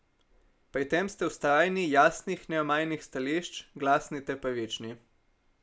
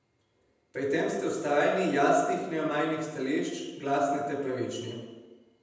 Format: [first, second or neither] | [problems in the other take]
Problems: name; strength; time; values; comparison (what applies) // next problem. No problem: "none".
first | room echo; dies away in 1 s